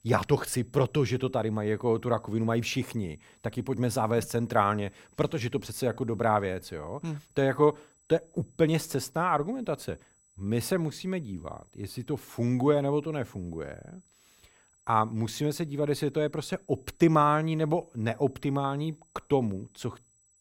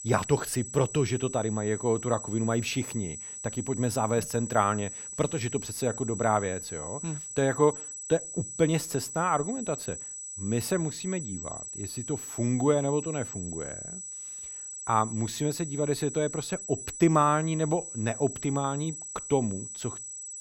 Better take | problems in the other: first | high-pitched whine; loud; throughout; 8 kHz, 8 dB below the speech; faint in the first

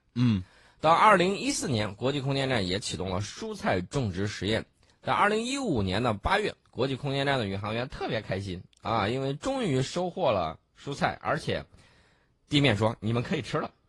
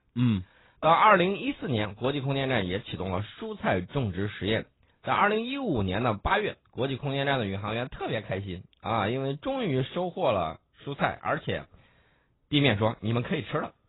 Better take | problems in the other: first | garbled, watery; badly; nothing above 4 kHz; slightly in the first

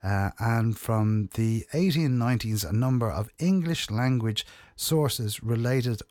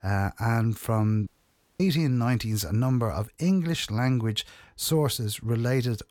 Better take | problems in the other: first | audio cutting out; at 1.5 s for 0.5 s

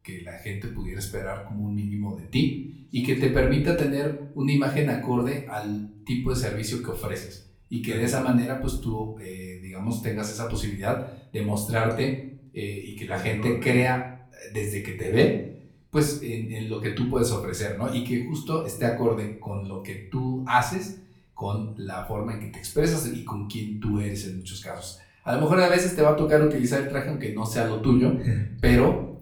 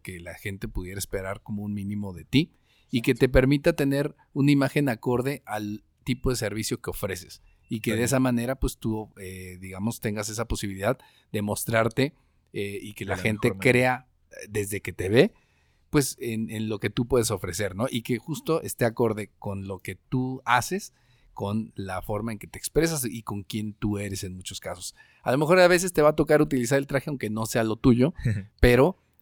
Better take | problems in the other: second | off-mic speech; far // room echo; slight; dies away in 0.4 s

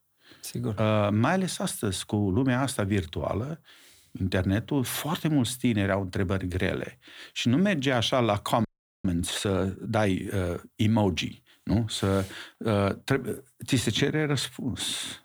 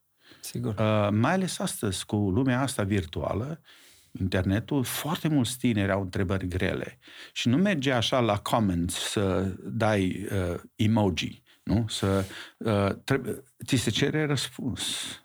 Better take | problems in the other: second | audio freezing; at 8.5 s

